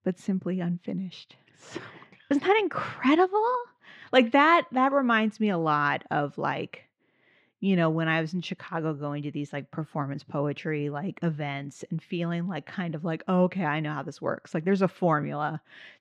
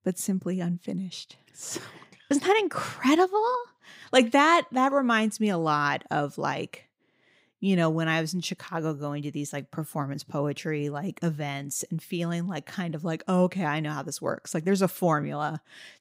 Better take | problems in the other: second | muffled; slightly; fading above 2.5 kHz

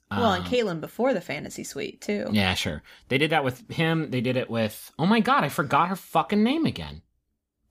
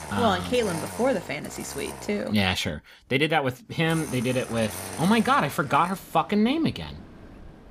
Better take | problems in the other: first | traffic noise; noticeable; throughout; 15 dB below the speech

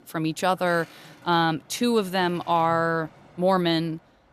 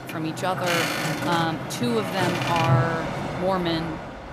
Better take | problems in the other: first | train or aircraft noise; loud; throughout; as loud as the speech; faint in the first

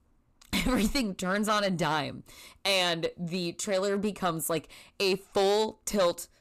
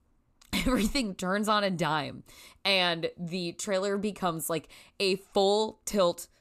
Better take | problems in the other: second | distortion; slight; 5% of the sound clipped

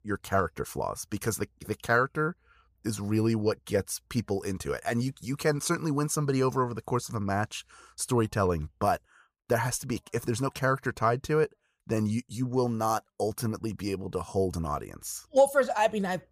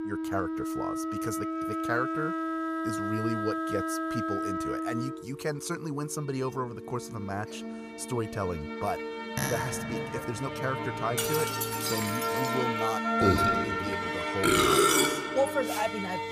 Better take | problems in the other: first | background music; very loud; throughout; 5 dB above the speech

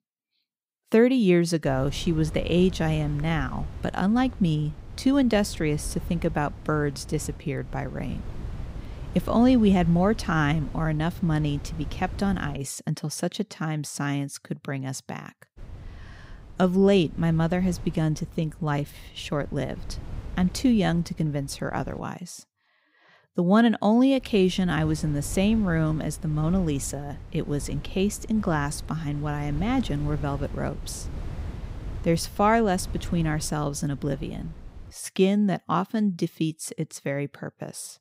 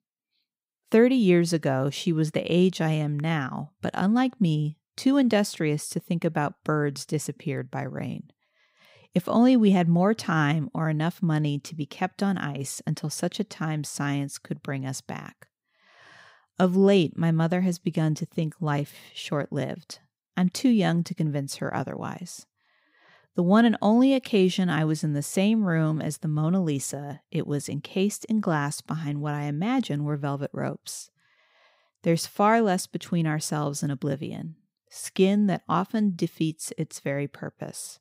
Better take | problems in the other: second | wind noise on the microphone; occasional gusts; from 1.5 to 13 s, from 16 to 22 s and from 24 to 35 s; 20 dB below the speech

